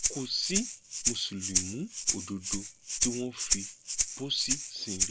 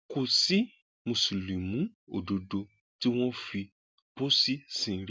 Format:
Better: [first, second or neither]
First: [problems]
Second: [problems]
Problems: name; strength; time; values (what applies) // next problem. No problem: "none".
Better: second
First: background sound (Rattle (instrument)); 4 dB above the speech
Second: none